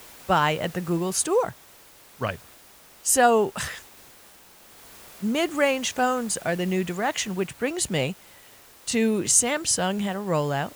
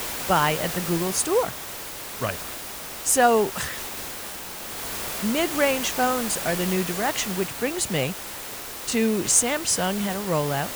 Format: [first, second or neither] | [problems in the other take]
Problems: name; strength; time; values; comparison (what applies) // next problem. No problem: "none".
first | hiss; loud; throughout; 7 dB below the speech; faint in the first